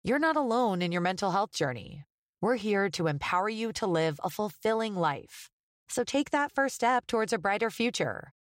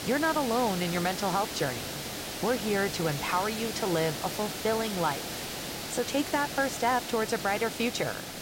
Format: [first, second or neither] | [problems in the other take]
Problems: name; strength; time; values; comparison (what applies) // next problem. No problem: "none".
first | hiss; loud; throughout; 5 dB below the speech